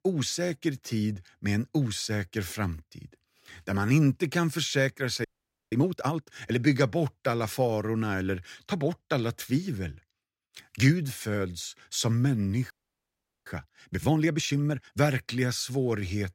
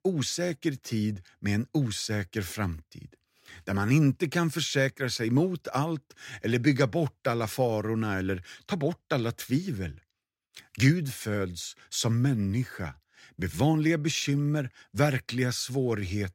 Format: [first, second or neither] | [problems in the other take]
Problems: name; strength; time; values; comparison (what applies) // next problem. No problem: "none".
second | audio freezing; at 5 s and at 13 s for 1 s